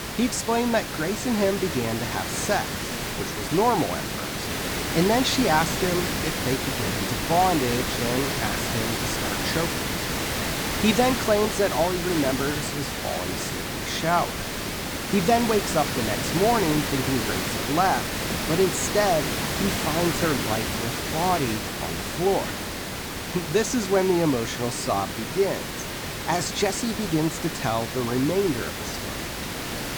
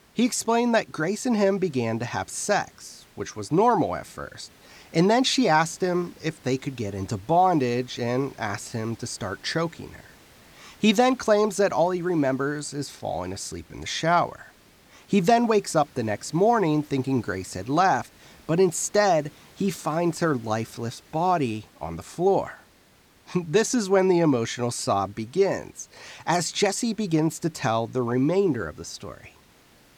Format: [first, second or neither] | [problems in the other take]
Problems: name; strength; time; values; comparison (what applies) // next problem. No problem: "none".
second | hiss; loud; throughout; 2 dB below the speech; faint in the second